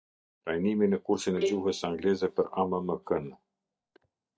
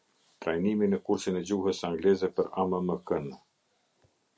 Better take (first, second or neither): second